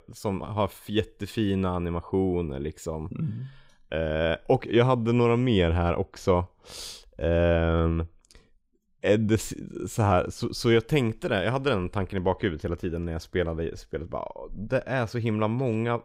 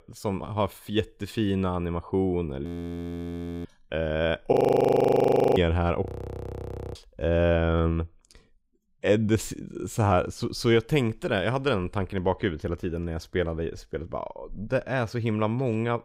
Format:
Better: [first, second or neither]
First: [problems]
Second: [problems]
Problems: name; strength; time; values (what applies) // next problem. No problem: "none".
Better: first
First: none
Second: audio freezing; at 2.5 s for 1 s, at 4.5 s for 1 s and at 6 s for 1 s